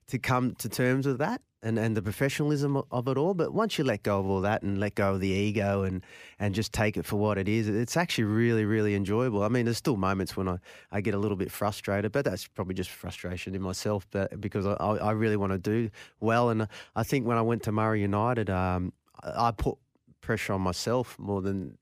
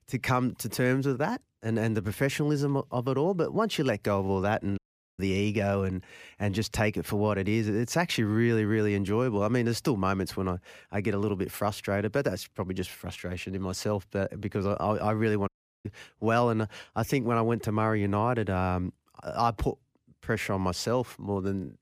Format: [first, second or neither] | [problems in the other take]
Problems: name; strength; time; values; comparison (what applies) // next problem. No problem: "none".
first | audio cutting out; at 5 s and at 15 s